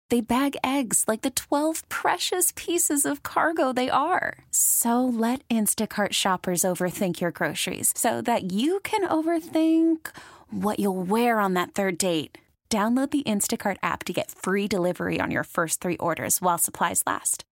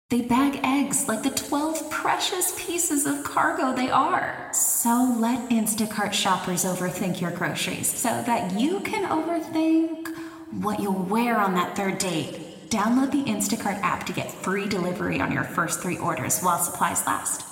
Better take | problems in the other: first | room echo; slight; dies away in 1.8 s

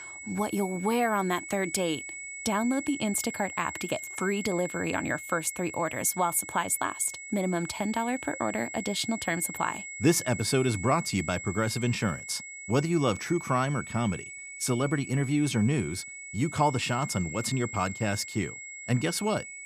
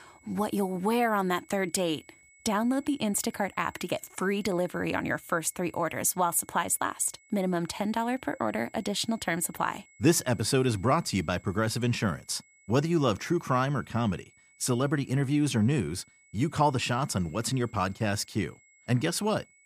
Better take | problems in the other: second | high-pitched whine; loud; throughout; 2 kHz, 10 dB below the speech; faint in the second

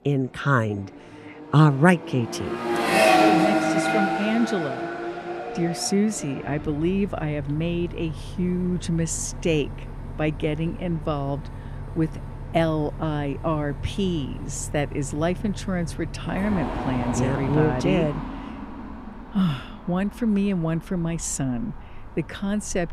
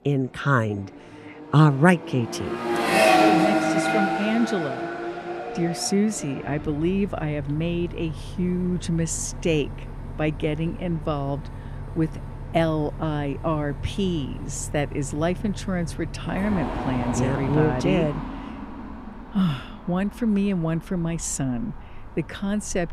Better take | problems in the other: neither | traffic noise; loud; throughout; 3 dB below the speech; the same in both

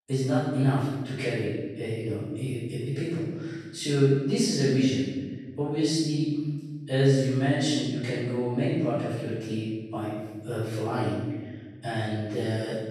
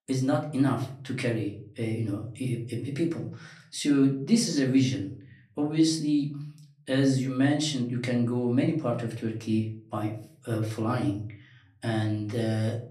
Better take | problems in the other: second | room echo; strong; dies away in 1.3 s; slight in the second // off-mic speech; far; far in the second

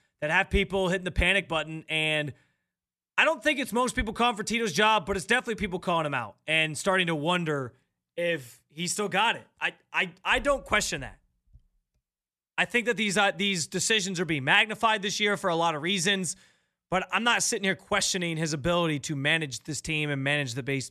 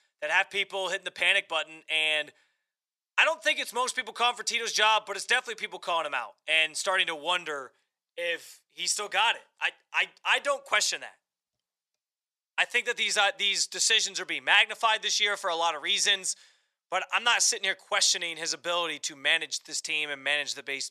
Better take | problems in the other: first | thin; very; fading below 650 Hz

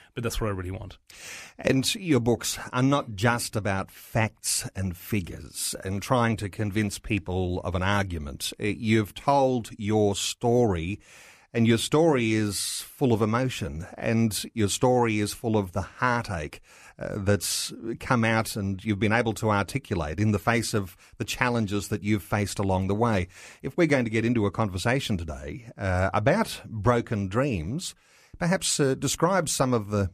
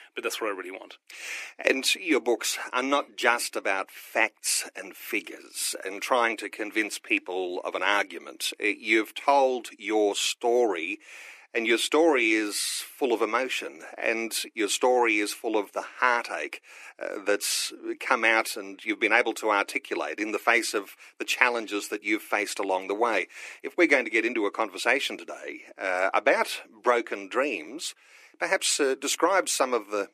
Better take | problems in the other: first | thin; very; fading below 300 Hz

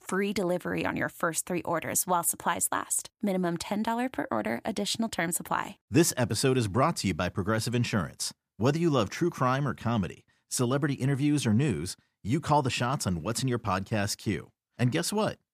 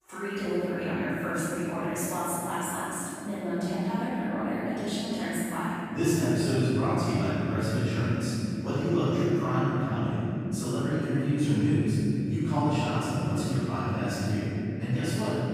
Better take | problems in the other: first | room echo; strong; dies away in 3 s // off-mic speech; far

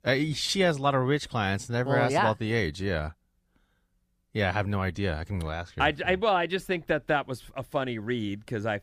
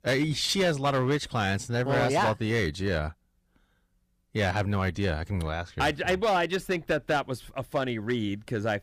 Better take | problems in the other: first | distortion; slight; 6% of the sound clipped

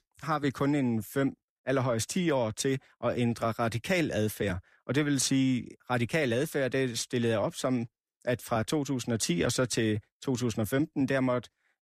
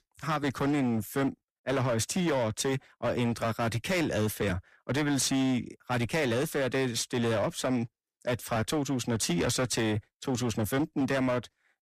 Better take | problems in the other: first | distortion; slight; 17% of the sound clipped

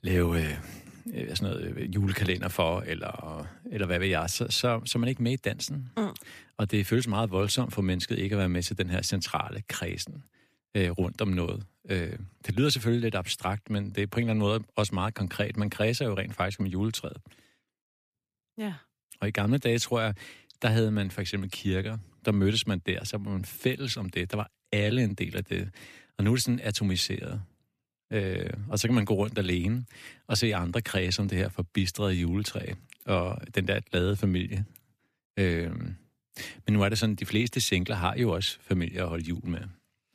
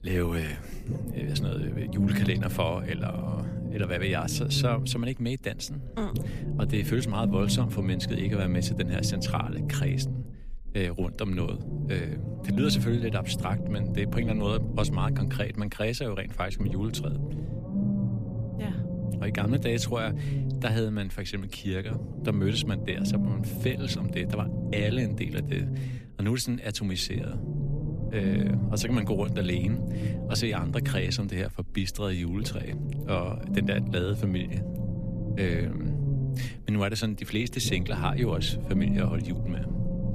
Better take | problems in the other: first | low rumble; loud; throughout; 6 dB below the speech

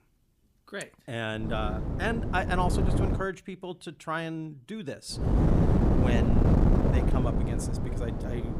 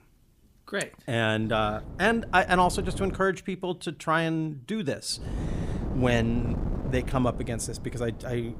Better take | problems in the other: second | wind noise on the microphone; heavy; from 1.5 to 3 s and from 5 s on; as loud as the speech; occasional gusts in the second

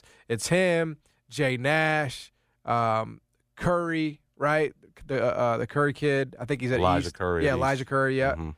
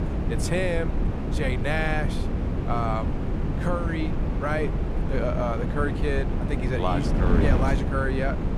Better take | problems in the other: first | wind noise on the microphone; heavy; 5 dB below the speech

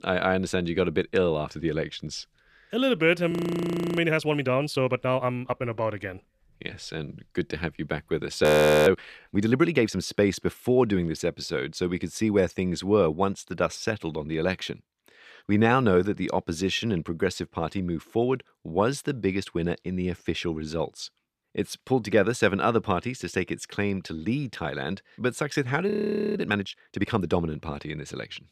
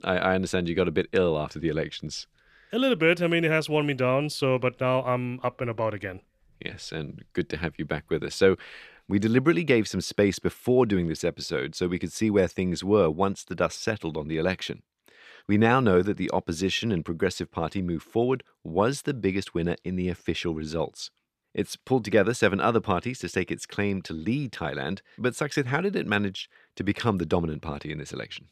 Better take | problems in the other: second | audio freezing; at 3.5 s for 0.5 s, at 8.5 s and at 26 s

